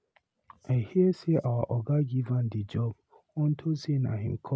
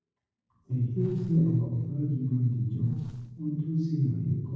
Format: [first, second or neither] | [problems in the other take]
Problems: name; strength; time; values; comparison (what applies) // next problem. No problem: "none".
first | noise reduction (neural separator model SepFormer DNS4)